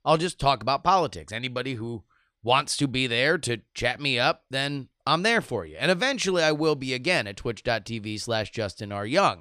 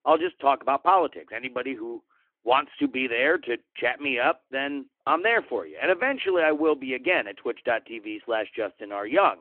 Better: first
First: none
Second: phone-call audio

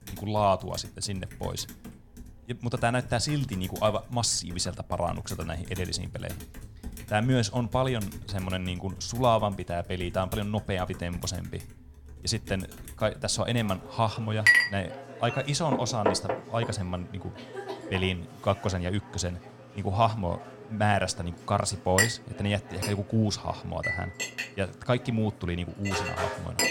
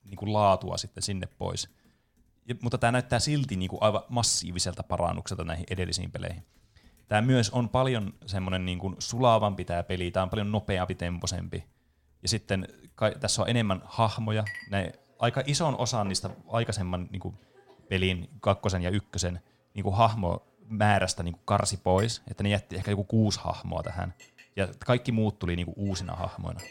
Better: second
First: household noises; loud; throughout; 2 dB below the speech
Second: household noises; faint; throughout; 25 dB below the speech

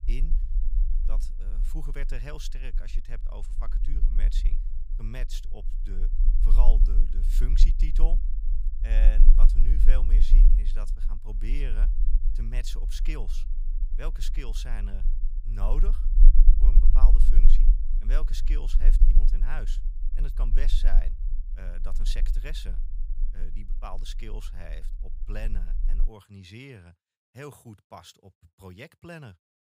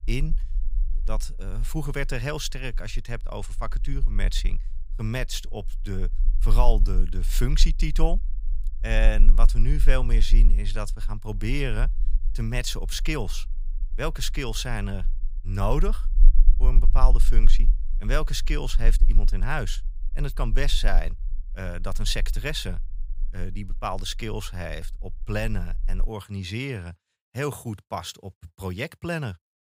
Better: second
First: low rumble; loud; until 26 s; 9 dB below the speech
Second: low rumble; faint; until 26 s; 20 dB below the speech

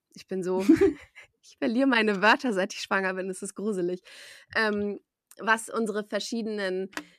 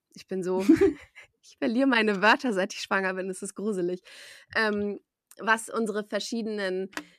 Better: neither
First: phone ringing; faint; at 7 s; peak 15 dB below the speech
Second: phone ringing; faint; at 7 s; peak 15 dB below the speech

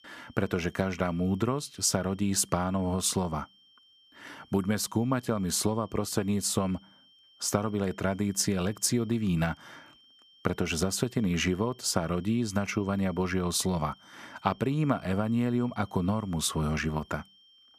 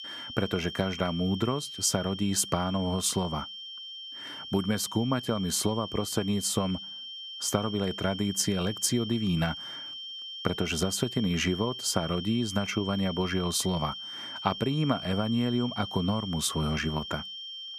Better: first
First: high-pitched whine; faint; throughout; 3 kHz, 30 dB below the speech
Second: high-pitched whine; loud; throughout; 3 kHz, 8 dB below the speech

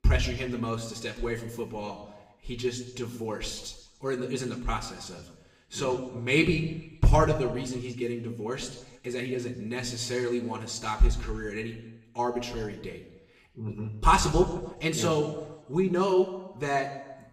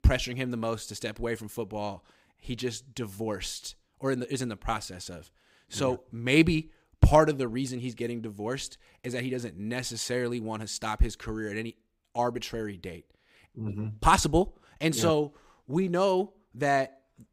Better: second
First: room echo; slight; dies away in 0.9 s // off-mic speech; somewhat distant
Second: none

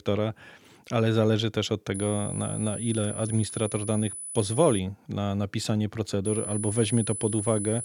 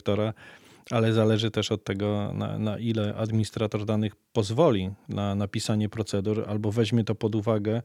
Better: second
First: high-pitched whine; loud; from 2 to 5 s and from 6.5 s on; 10 kHz, 7 dB below the speech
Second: none

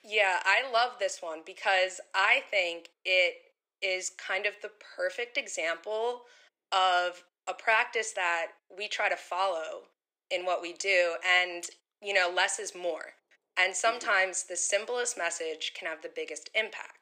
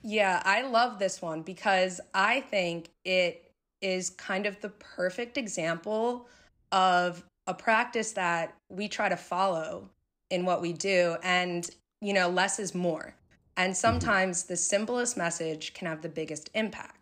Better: second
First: thin; very; fading below 450 Hz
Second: none

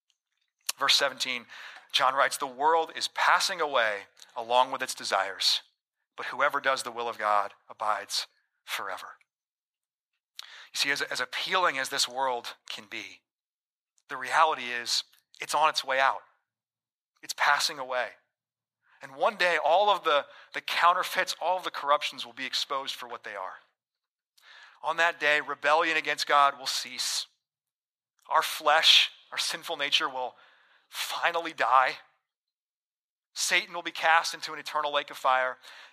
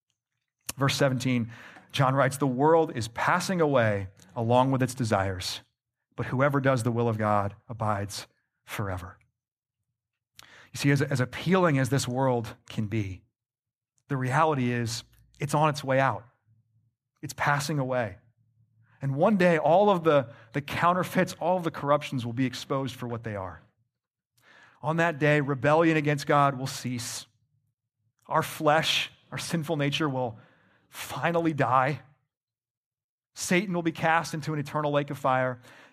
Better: second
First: thin; very; fading below 900 Hz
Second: none

